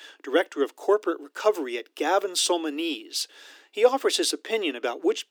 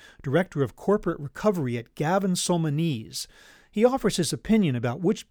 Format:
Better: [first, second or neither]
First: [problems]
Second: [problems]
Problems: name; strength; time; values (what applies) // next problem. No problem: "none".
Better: second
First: thin; very; fading below 300 Hz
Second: none